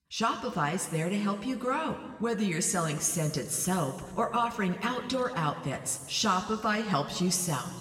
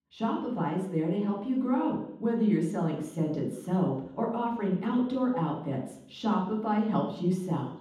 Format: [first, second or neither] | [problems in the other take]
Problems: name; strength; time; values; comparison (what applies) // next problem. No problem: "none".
first | room echo; strong; dies away in 0.9 s; slight in the first // off-mic speech; far; somewhat distant in the first